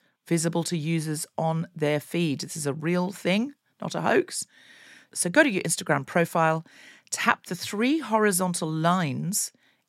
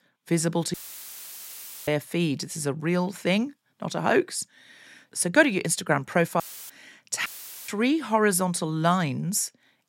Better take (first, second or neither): first